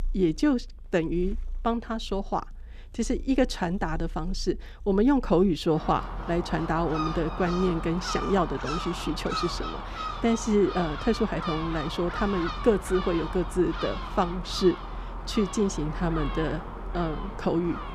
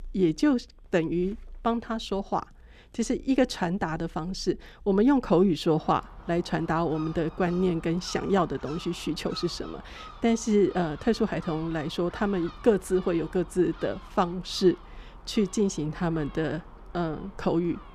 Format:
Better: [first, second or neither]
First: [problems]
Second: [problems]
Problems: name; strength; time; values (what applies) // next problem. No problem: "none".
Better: second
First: animal sounds; loud; throughout; 8 dB below the speech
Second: animal sounds; faint; throughout; 20 dB below the speech